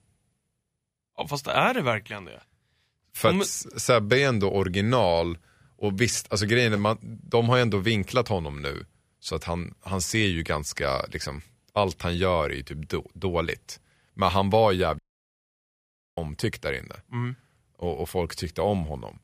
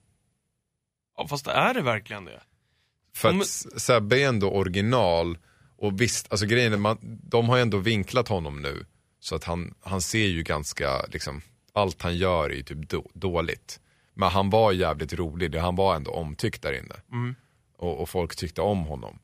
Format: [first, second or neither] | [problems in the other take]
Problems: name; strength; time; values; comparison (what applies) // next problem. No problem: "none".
second | audio cutting out; at 15 s for 1 s